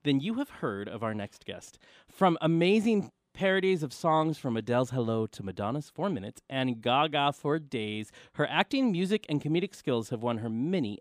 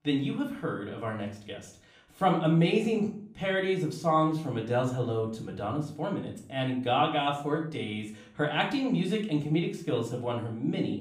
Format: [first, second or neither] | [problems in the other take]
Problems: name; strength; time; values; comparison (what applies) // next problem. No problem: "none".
first | room echo; slight; dies away in 0.4 s // off-mic speech; far